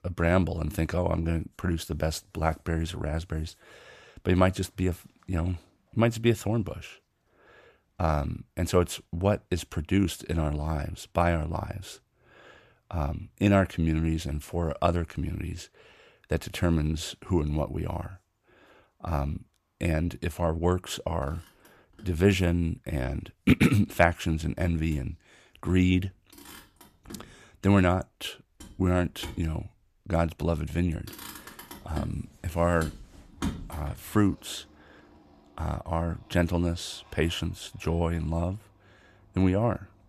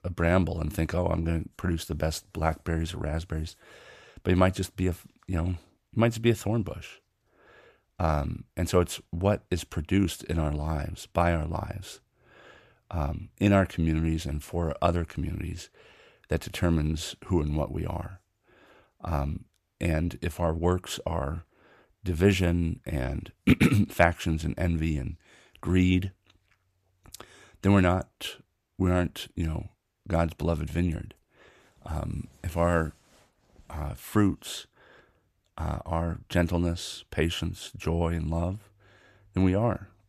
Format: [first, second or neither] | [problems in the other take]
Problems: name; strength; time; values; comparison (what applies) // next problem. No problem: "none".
second | traffic noise; noticeable; throughout; 15 dB below the speech